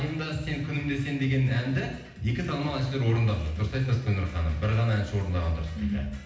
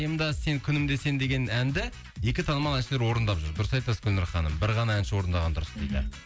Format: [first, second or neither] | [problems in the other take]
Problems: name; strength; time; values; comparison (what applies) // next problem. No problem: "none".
second | room echo; dies away in 0.8 s